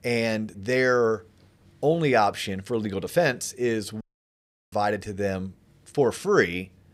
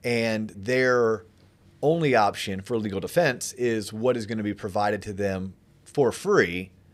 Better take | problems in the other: second | audio cutting out; at 4 s for 0.5 s

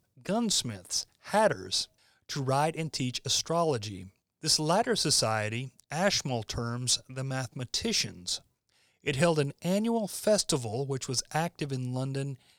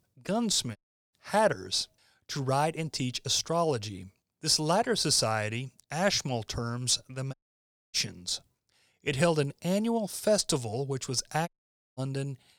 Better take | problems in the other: first | audio cutting out; at 1 s, at 7.5 s for 0.5 s and at 11 s

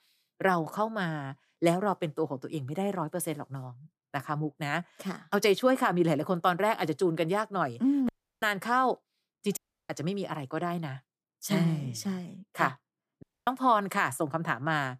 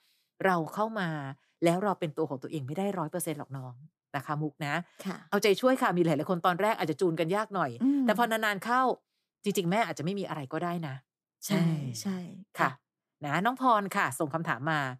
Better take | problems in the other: second | audio cutting out; at 8 s, at 9.5 s and at 13 s

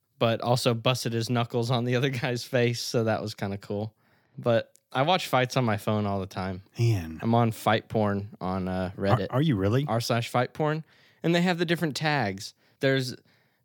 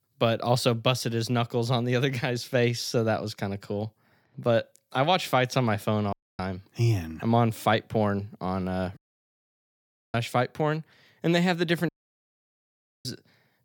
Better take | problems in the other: first | audio cutting out; at 6 s, at 9 s for 1 s and at 12 s for 1 s

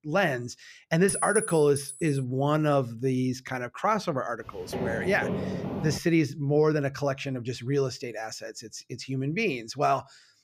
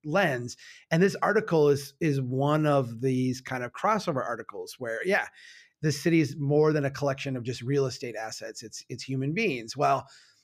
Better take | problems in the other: second | clattering dishes; noticeable; from 1 to 2 s; peak 2 dB below the speech // footsteps; noticeable; from 4.5 to 6 s; peak 4 dB below the speech

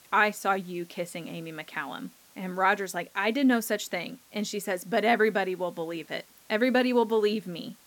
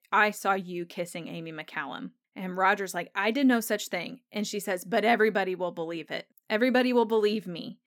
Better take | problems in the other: second | hiss; faint; throughout; 25 dB below the speech

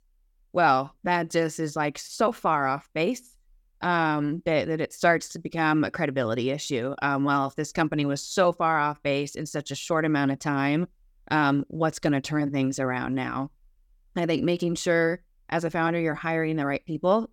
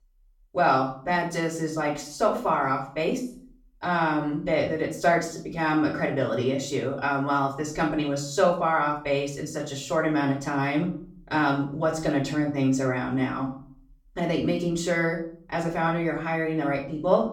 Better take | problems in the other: first | room echo; slight; dies away in 0.4 s // off-mic speech; far

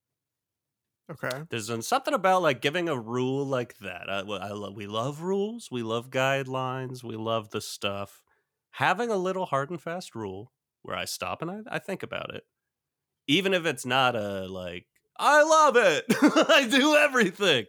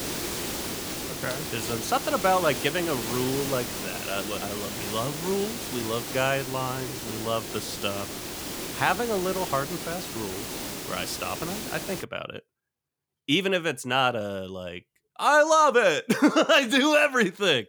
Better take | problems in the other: first | hiss; loud; until 12 s; 7 dB below the speech

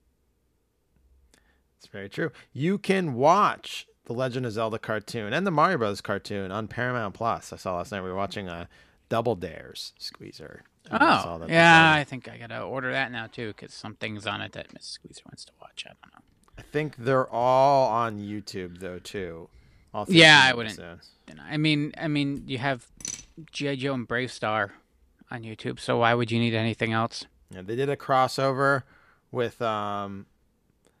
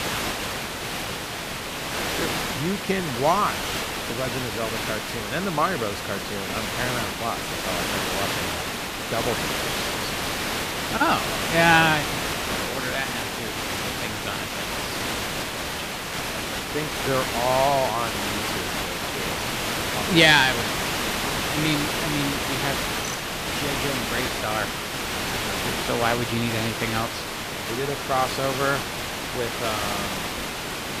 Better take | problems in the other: first | hiss; loud; throughout; 1 dB below the speech

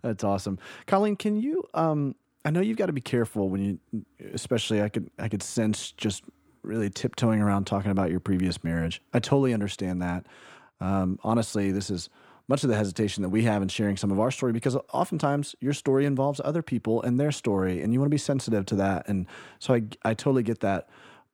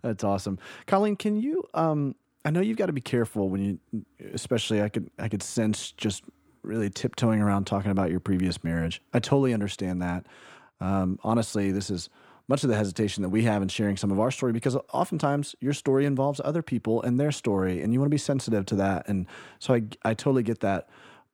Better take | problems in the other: neither | none

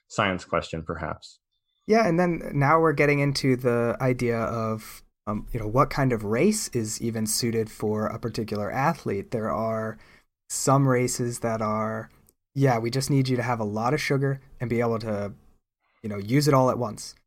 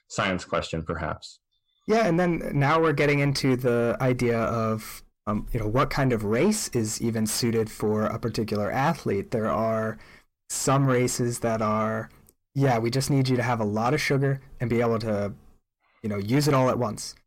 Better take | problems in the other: first | distortion; slight; 10 dB below the speech

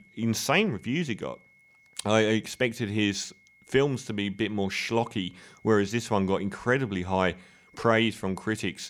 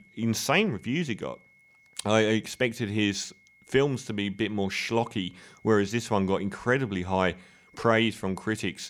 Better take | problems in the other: neither | high-pitched whine; faint; throughout; 2 kHz, 30 dB below the speech; the same in both

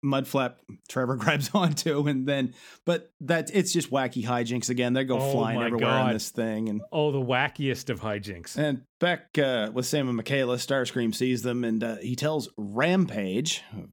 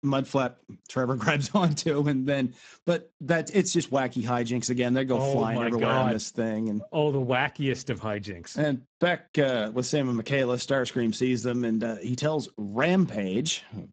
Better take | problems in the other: first | garbled, watery; badly; nothing above 8 kHz

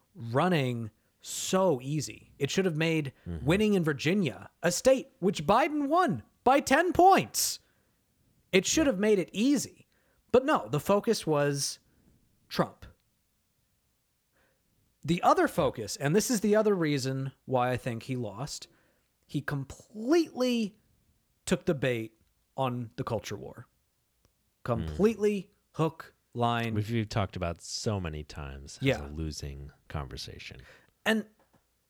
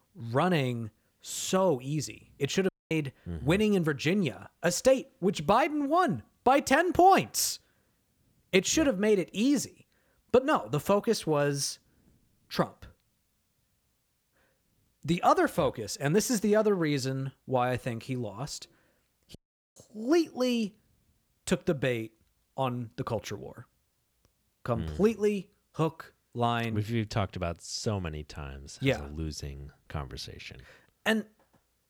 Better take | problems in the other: first | audio cutting out; at 2.5 s and at 19 s

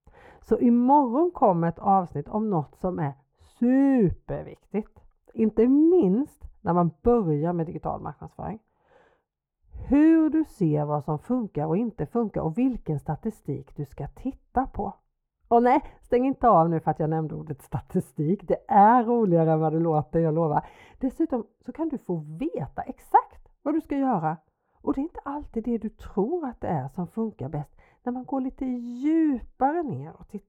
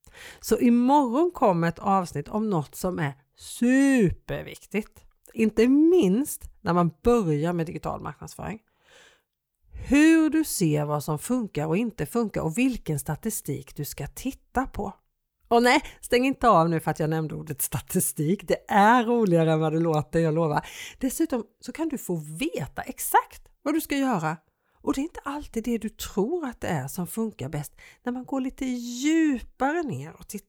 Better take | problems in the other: second | muffled; very; fading above 2 kHz

